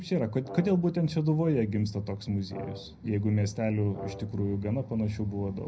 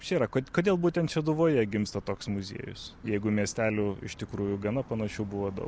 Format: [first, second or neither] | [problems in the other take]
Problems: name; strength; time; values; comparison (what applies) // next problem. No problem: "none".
second | background sound (Brass instrument); 16 dB below the speech // room echo; dies away in 0.4 s